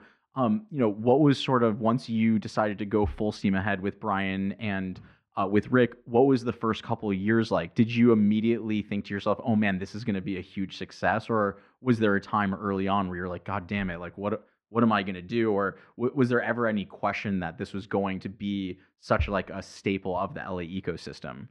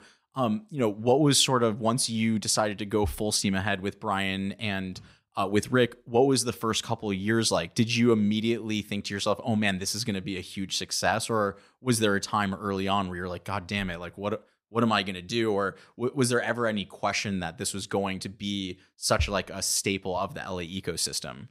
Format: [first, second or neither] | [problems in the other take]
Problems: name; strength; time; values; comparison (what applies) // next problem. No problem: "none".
second | muffled; very; fading above 2 kHz